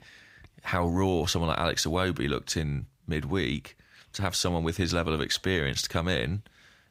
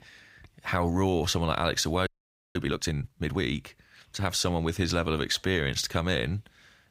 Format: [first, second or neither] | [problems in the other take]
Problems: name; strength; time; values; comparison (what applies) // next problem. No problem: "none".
first | audio freezing; at 2 s